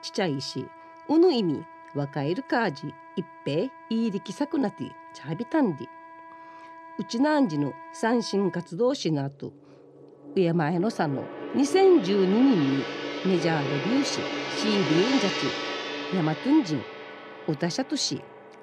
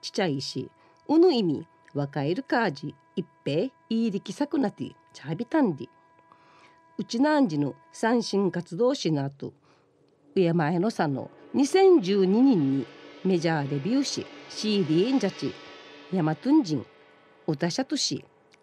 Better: second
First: background music; loud; throughout; 7 dB below the speech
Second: background music; faint; throughout; 20 dB below the speech

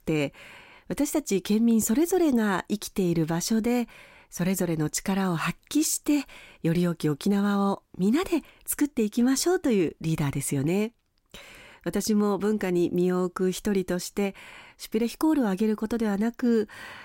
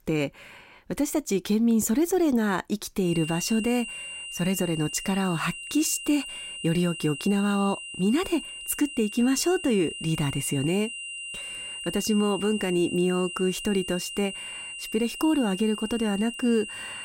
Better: first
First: none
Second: high-pitched whine; loud; from 3 s on; 3 kHz, 9 dB below the speech

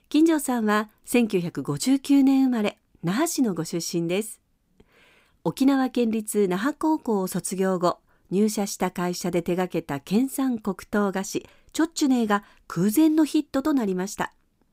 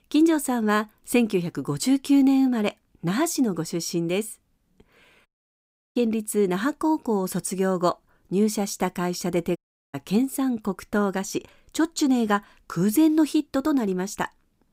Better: first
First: none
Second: audio cutting out; at 5.5 s for 0.5 s and at 9.5 s

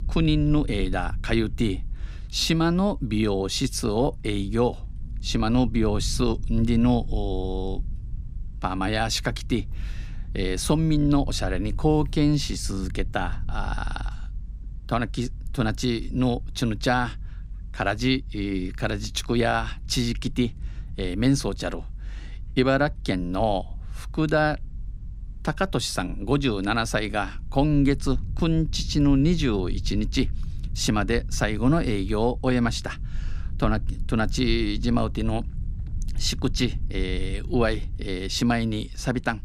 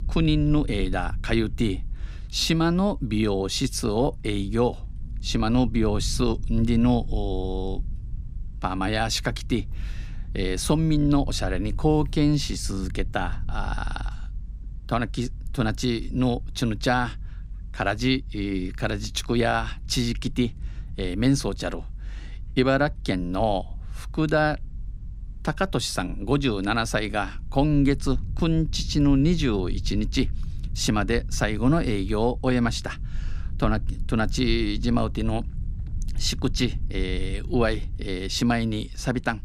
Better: neither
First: low rumble; faint; throughout; 25 dB below the speech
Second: low rumble; faint; throughout; 25 dB below the speech

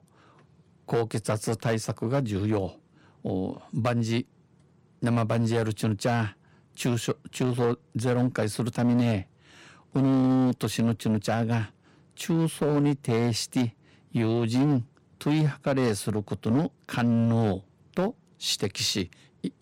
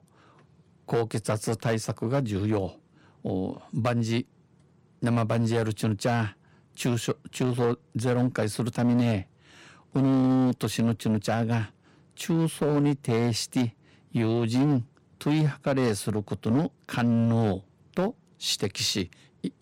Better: neither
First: distortion; slight; 7% of the sound clipped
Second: distortion; slight; 7% of the sound clipped

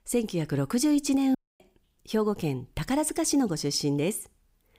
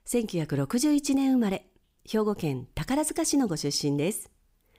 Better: second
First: audio cutting out; at 1.5 s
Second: none

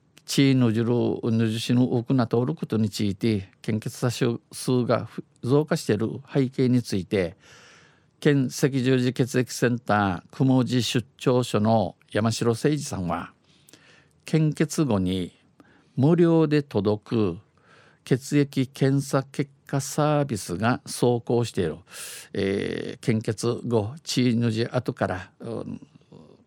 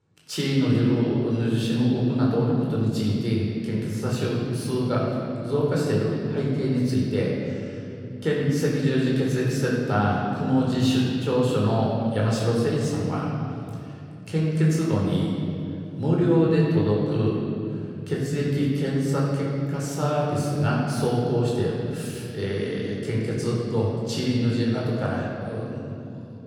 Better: first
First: none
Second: off-mic speech; far // room echo; noticeable; dies away in 2.9 s

